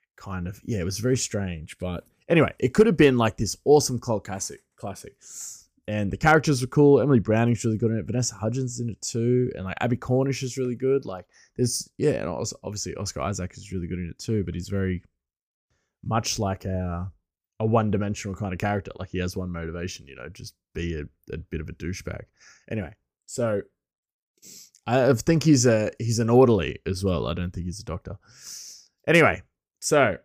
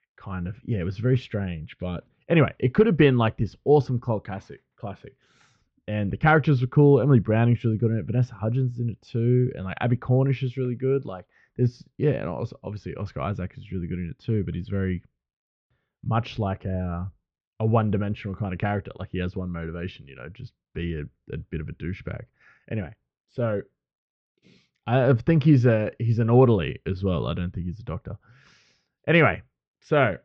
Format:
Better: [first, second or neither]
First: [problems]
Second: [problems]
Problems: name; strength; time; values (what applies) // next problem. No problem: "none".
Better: first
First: none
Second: muffled; very; fading above 3.5 kHz